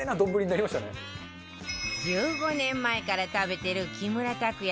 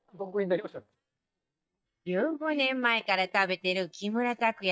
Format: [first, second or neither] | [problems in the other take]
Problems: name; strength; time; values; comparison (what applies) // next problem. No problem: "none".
first | noise reduction (neural mask model DeepFilterNet 3)